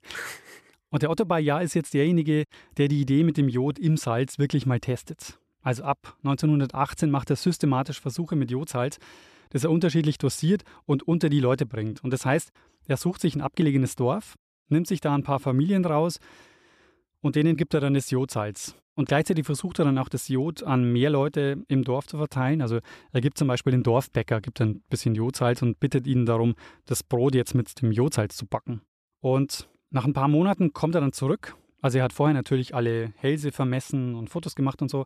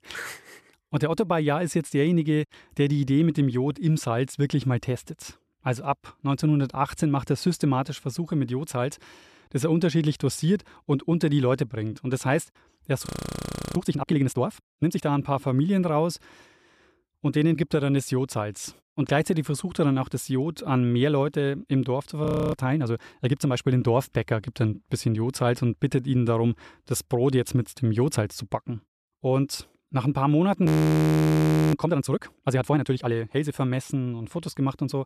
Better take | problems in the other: first | audio freezing; at 13 s for 0.5 s, at 22 s and at 31 s for 1 s

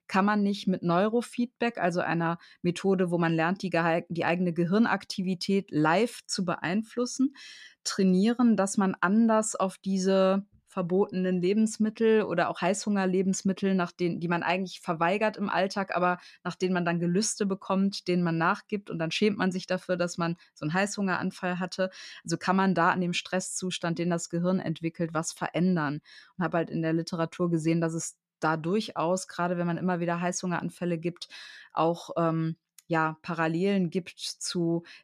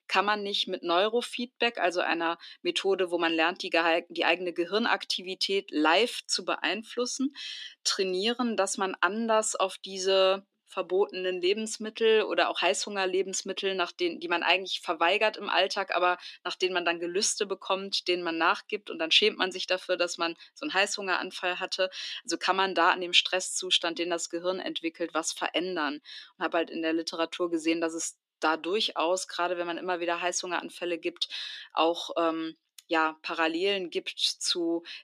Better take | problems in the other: first | thin; somewhat; fading below 250 Hz

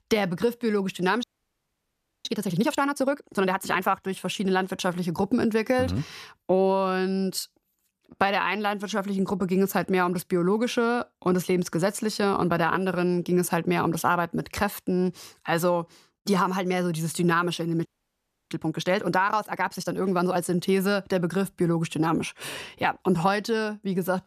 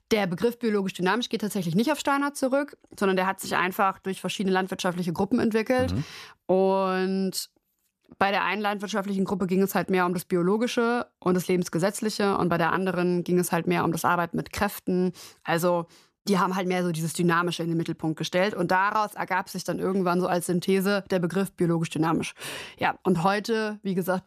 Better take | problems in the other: second | audio freezing; at 1 s for 1 s and at 18 s for 0.5 s

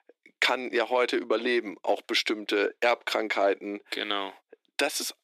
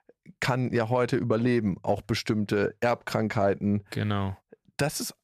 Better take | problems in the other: second | thin; somewhat; fading below 300 Hz

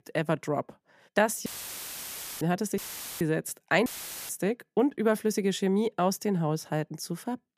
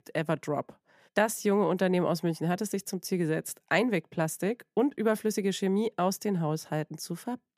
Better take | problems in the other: second | audio cutting out; filled with static; at 1.5 s for 1 s, at 3 s and at 4 s

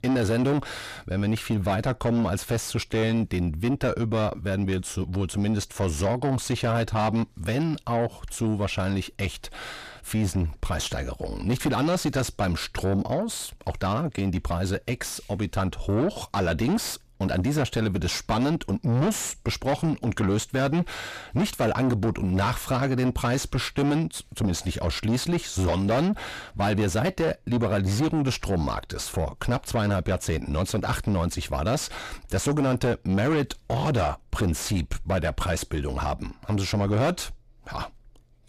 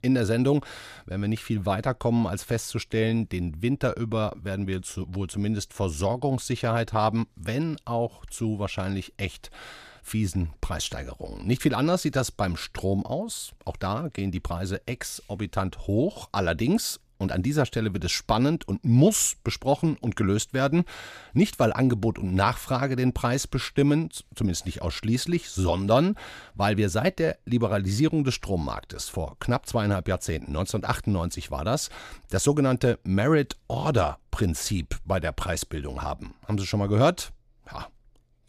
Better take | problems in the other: second | distortion; heavy; 7 dB below the speech

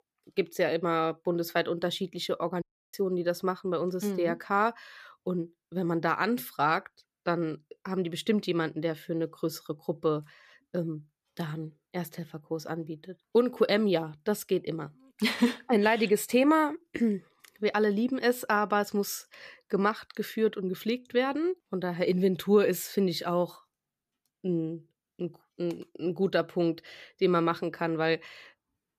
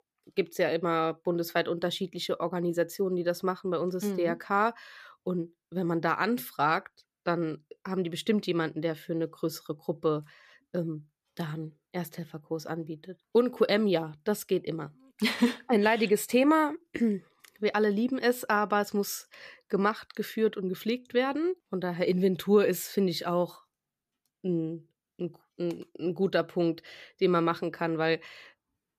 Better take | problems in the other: second | audio cutting out; at 2.5 s

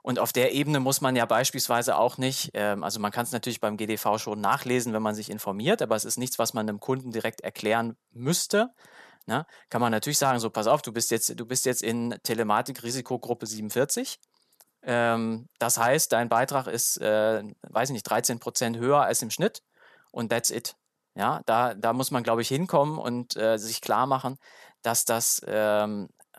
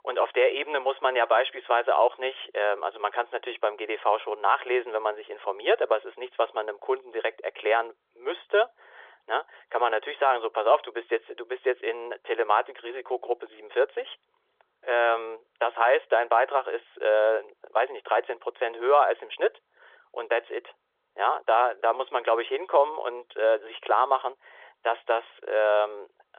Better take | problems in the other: first | phone-call audio; nothing above 3.5 kHz

